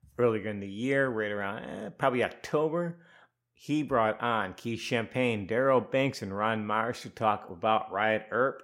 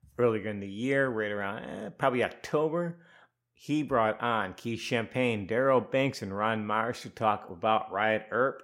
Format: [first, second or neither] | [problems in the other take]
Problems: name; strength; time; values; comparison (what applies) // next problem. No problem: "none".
neither | none